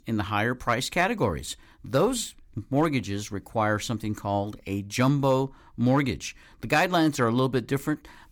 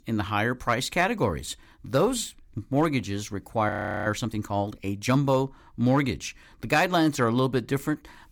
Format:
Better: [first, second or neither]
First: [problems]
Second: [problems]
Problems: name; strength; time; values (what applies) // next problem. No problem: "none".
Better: first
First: none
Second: audio freezing; at 3.5 s